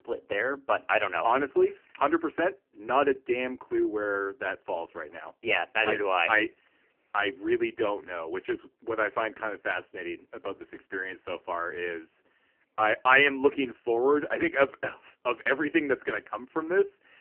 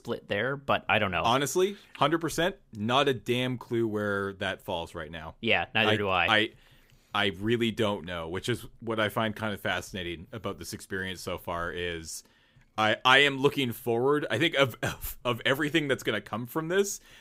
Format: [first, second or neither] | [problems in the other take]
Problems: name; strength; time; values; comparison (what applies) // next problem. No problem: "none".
second | phone-call audio; poor line; nothing above 3 kHz